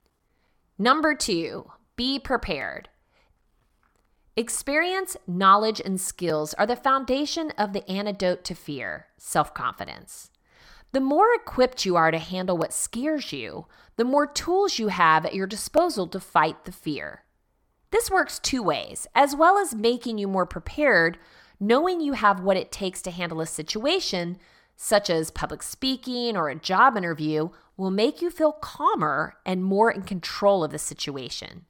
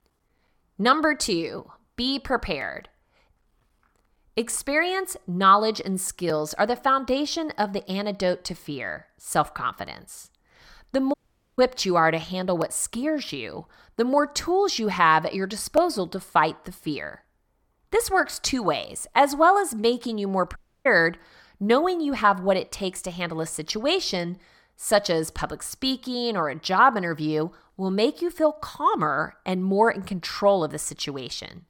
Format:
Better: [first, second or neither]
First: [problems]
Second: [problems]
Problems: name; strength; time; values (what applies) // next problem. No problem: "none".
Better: first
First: none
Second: audio cutting out; at 11 s and at 21 s